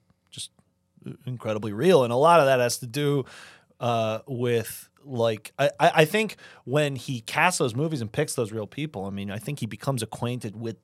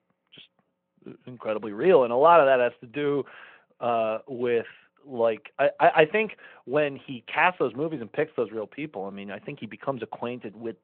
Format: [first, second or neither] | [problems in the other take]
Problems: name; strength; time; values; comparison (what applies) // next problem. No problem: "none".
first | phone-call audio